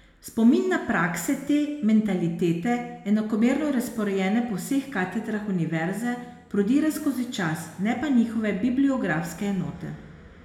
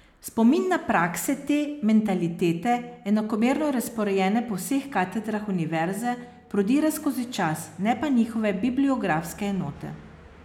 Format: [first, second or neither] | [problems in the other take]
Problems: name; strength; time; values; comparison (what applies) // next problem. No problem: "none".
second | room echo; dies away in 0.9 s